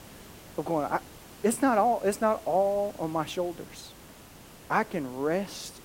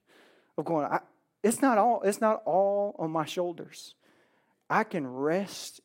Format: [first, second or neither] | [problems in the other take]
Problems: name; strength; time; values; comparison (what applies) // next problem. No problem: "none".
second | hiss; noticeable; throughout; 20 dB below the speech